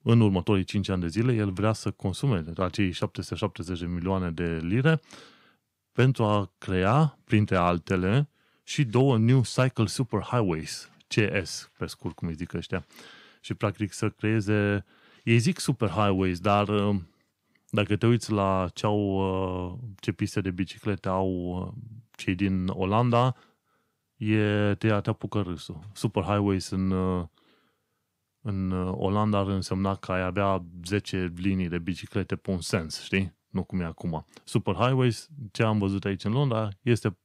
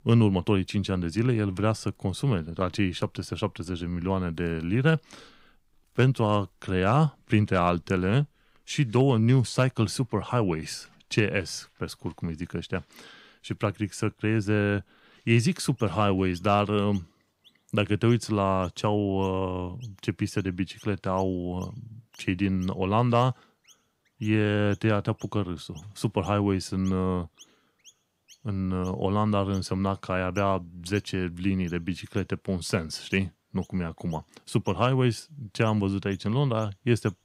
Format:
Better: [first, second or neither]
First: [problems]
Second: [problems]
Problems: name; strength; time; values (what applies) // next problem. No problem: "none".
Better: first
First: none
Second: animal sounds; faint; throughout; 30 dB below the speech